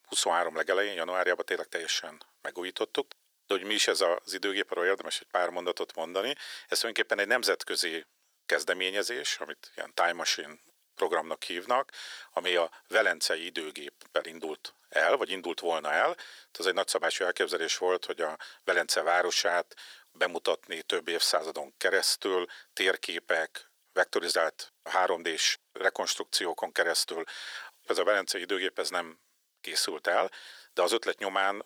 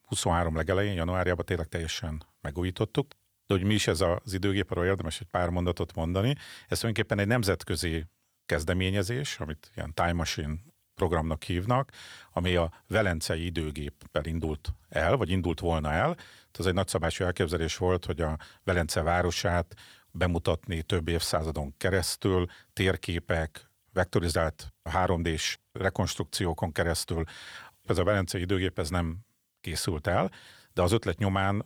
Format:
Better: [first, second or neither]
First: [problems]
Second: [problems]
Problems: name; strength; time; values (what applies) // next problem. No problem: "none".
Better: second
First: thin; very; fading below 350 Hz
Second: none